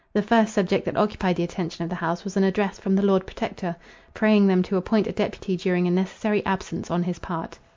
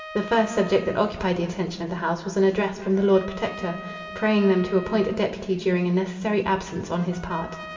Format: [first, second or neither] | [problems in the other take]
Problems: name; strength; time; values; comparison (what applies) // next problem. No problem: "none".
first | background sound (Trumpet); 17 dB below the speech // room echo; dies away in 2.6 s